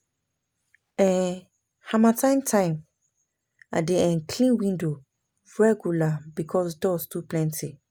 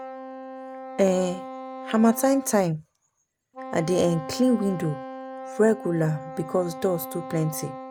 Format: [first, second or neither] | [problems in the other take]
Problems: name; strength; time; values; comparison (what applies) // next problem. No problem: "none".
first | background sound (Wind instrument, woodwind instrument); 12 dB below the speech